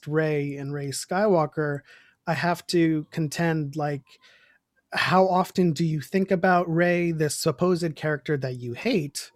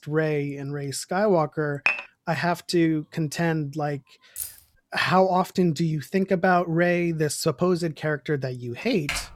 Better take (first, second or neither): first